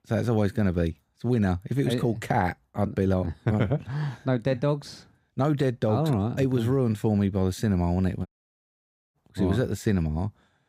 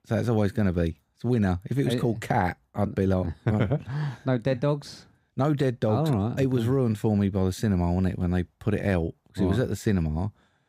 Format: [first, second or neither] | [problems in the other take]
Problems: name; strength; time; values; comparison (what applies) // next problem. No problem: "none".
second | audio cutting out; at 8.5 s for 1 s